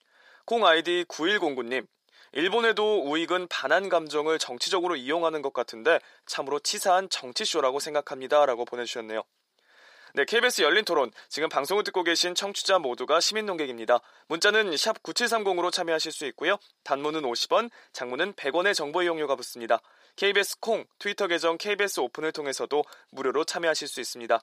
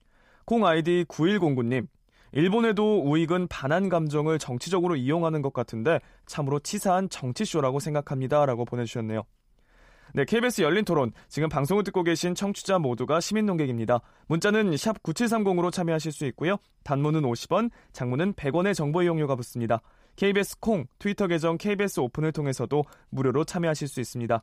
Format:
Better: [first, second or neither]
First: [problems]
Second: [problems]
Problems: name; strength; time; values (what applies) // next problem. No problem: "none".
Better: second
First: thin; very; fading below 400 Hz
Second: none